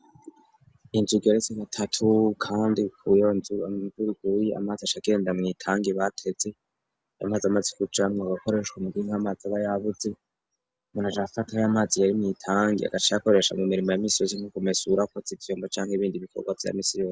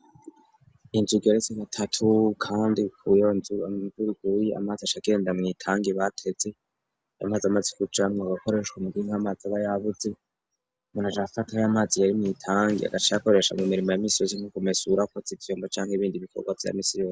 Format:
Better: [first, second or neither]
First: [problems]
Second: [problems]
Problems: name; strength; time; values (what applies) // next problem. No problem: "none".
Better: first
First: none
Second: background sound (Bass drum / Snare drum); 19 dB below the speech